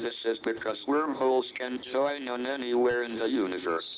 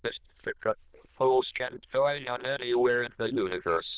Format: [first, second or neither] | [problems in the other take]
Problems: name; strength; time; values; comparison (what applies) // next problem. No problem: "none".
first | noise reduction (neural diffusion model UNIVERSE++)